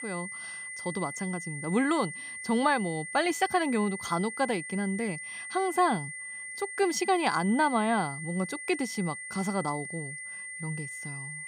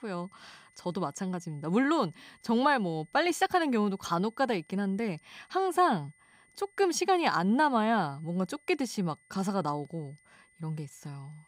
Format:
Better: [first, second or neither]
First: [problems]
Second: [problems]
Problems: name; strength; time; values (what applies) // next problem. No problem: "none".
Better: second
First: high-pitched whine; loud; throughout; 2 kHz, 8 dB below the speech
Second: high-pitched whine; faint; throughout; 2 kHz, 35 dB below the speech